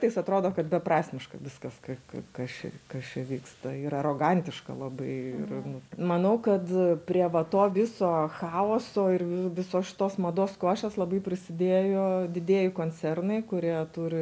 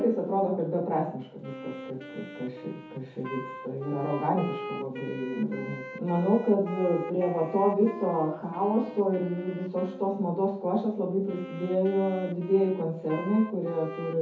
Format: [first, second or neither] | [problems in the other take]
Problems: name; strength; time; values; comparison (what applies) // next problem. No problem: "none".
first | background sound (Wind instrument, woodwind instrument); 14 dB below the speech // room echo; dies away in 0.5 s